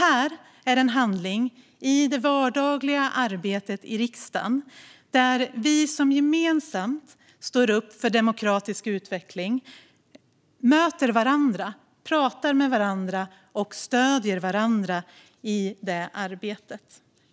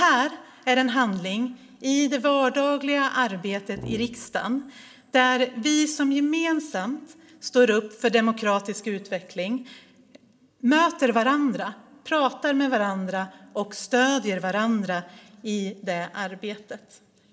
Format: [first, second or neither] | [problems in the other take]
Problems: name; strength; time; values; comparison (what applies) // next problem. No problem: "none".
first | background sound (Brass instrument); 13 dB below the speech // room echo; dies away in 1.1 s